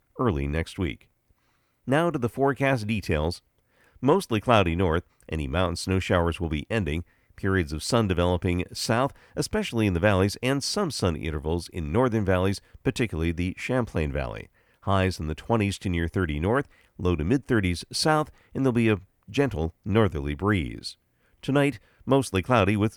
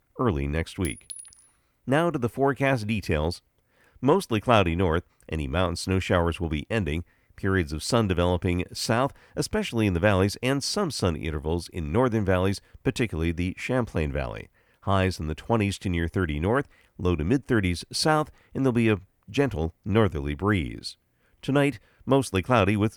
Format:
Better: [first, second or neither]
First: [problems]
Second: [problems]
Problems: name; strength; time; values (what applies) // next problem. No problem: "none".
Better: first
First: none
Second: clattering dishes; faint; at 1 s; peak 10 dB below the speech